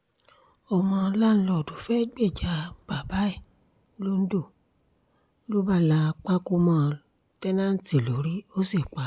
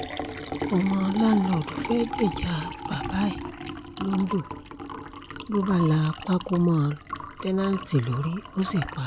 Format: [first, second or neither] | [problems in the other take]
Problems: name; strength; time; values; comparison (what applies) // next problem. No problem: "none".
first | background sound (Liquid); 9 dB below the speech